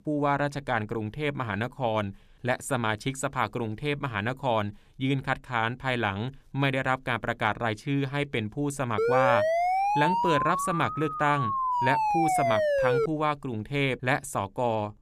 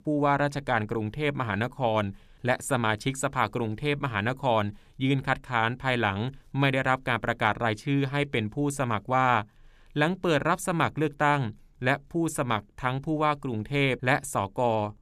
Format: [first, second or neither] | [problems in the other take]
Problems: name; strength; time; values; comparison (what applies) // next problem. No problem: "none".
second | siren; loud; from 9 to 13 s; peak 4 dB above the speech